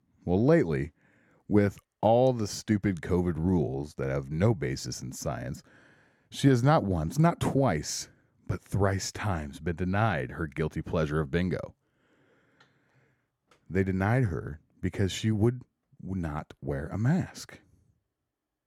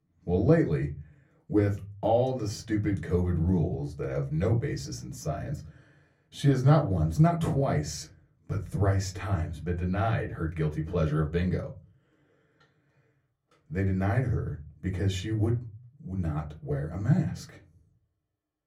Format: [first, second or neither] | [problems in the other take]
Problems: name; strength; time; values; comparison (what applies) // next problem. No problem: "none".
first | off-mic speech; far // room echo; very slight; dies away in 0.4 s